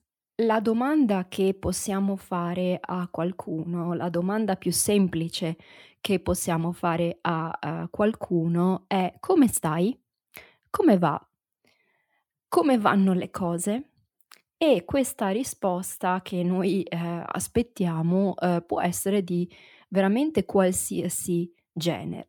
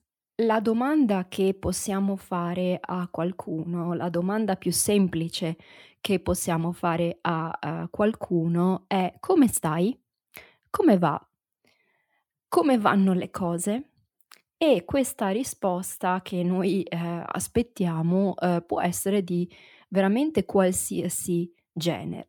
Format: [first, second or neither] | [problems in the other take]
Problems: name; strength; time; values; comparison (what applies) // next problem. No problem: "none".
neither | none